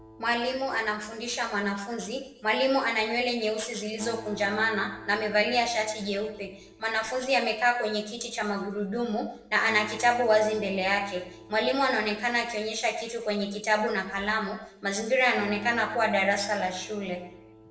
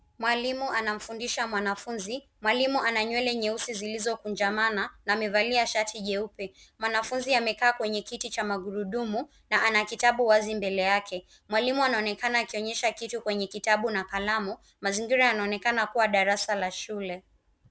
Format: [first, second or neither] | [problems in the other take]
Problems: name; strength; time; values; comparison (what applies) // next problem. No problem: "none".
second | background sound (Acoustic guitar); 19 dB below the speech // room echo; dies away in 0.8 s